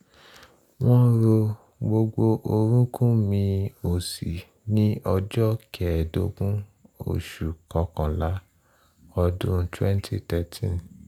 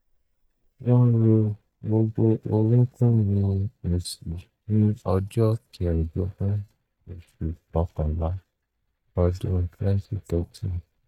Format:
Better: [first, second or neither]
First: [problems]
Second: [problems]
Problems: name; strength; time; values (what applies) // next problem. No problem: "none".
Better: first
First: none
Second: noise reduction (neural mask model DeepFilterNet 3)